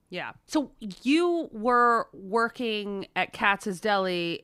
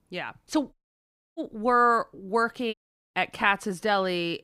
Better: first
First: none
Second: audio cutting out; at 0.5 s for 0.5 s and at 2.5 s

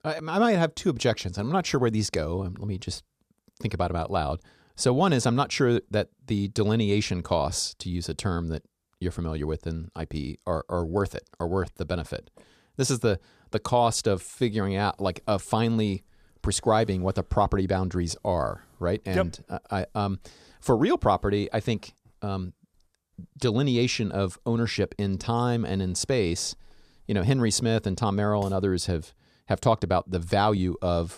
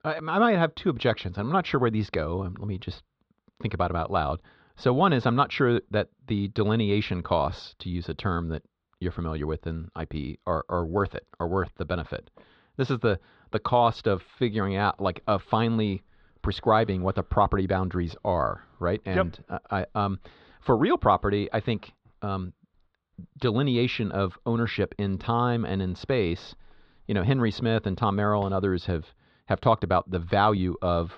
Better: first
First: none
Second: muffled; slightly; fading above 4 kHz

